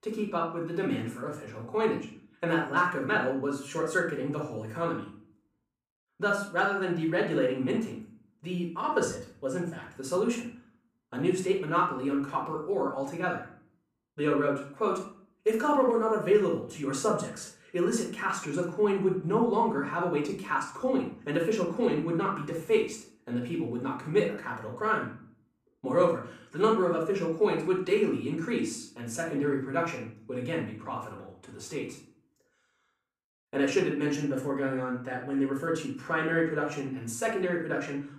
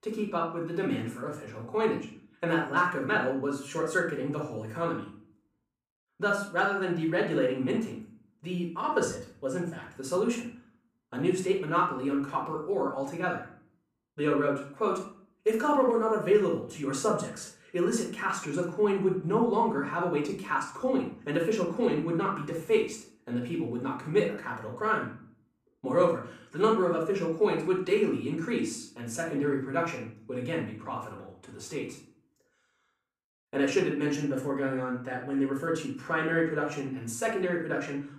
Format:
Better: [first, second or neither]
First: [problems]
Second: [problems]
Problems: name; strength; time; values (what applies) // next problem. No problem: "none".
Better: neither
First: off-mic speech; far // room echo; noticeable; dies away in 0.4 s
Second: off-mic speech; far // room echo; noticeable; dies away in 0.4 s